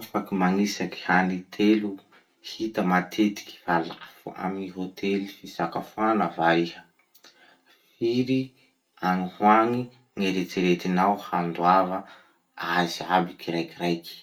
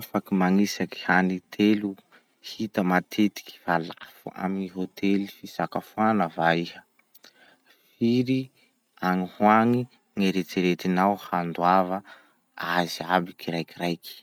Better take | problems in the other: second | room echo; dies away in 0.2 s

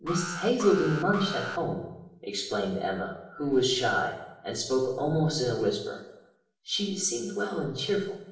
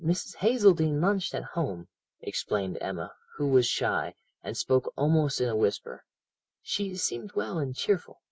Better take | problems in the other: second | background sound (Alarm); 8 dB below the speech // room echo; dies away in 0.9 s

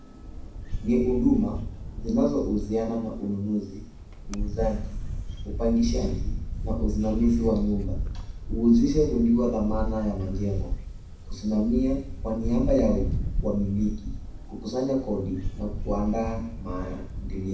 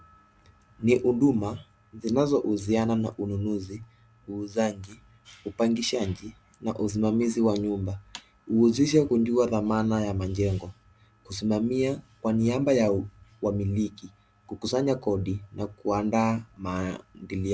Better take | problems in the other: second | background sound (Camera); 4 dB below the speech // room echo; dies away in 0.6 s

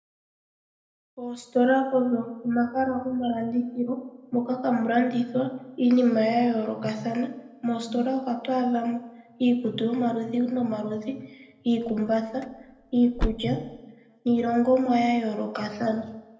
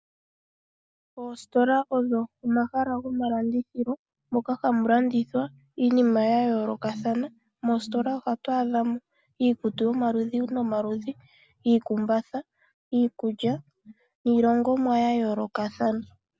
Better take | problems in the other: second | background sound (Slam / Car); 8 dB below the speech // room echo; dies away in 0.7 s

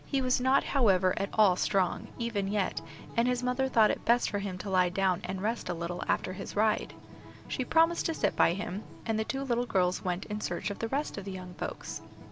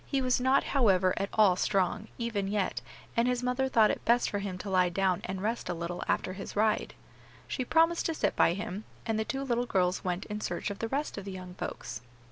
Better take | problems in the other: second | background sound (Acoustic guitar); 19 dB below the speech

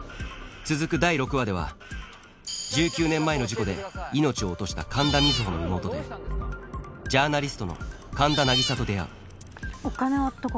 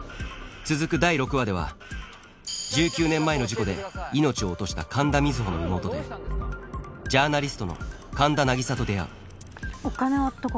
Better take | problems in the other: second | background sound (Cat); 2 dB below the speech

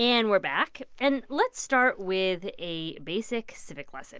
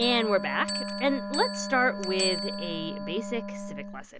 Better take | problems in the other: first | background sound (Wind instrument, woodwind instrument + Bell); 5 dB below the speech

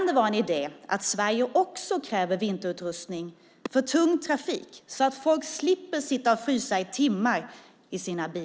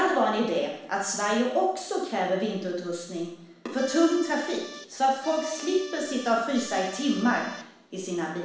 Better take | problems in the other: first | background sound (Accordion); 15 dB below the speech // room echo; dies away in 0.7 s

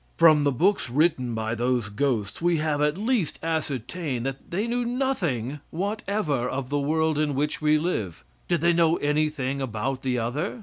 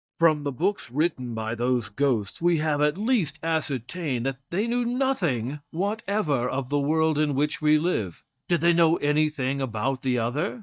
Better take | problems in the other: first | noise reduction (neural mask model DeepFilterNet 3)

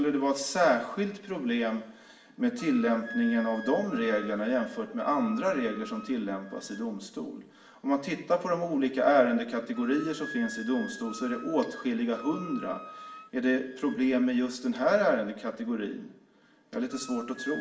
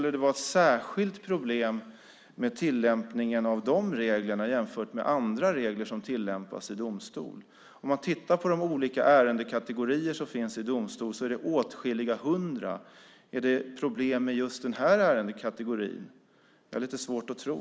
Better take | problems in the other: second | background sound (Wind instrument, woodwind instrument); 17 dB below the speech // room echo; dies away in 0.6 s

